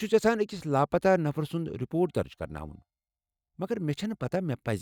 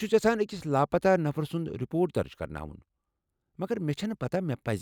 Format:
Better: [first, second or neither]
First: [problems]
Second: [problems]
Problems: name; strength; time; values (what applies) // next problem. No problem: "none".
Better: second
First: noise reduction (neural mask model DeepFilterNet 3)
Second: none